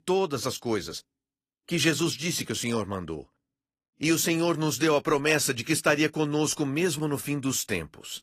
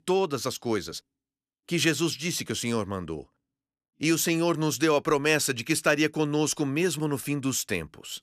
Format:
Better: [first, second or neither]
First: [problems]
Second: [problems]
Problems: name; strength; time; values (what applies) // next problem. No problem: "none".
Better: second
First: garbled, watery; slightly; nothing above 14.5 kHz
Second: none